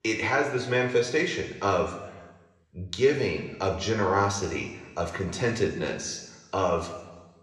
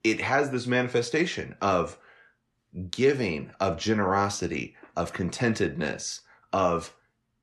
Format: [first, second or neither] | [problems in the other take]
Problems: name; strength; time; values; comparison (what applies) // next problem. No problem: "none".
second | room echo; slight; dies away in 1.2 s